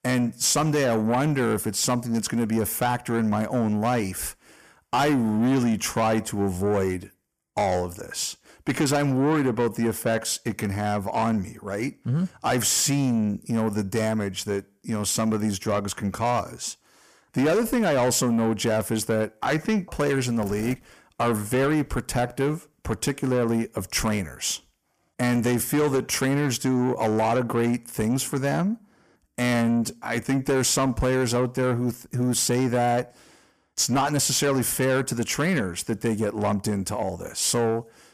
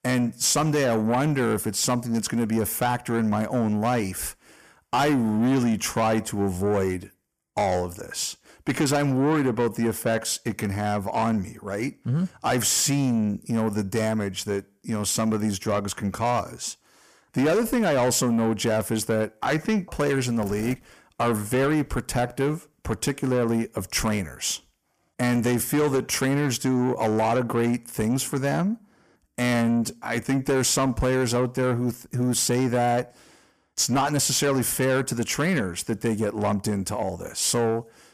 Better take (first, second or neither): neither